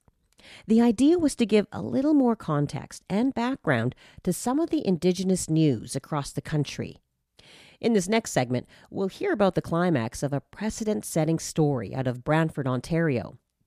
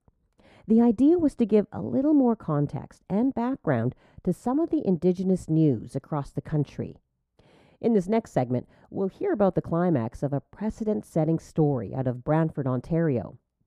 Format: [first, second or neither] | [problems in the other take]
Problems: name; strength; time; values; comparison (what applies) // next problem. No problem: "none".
first | muffled; very; fading above 1.5 kHz